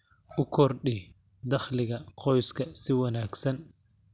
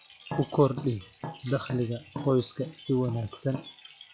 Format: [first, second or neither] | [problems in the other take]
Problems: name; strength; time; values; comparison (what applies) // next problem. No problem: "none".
first | noise reduction (classical method log-MMSE)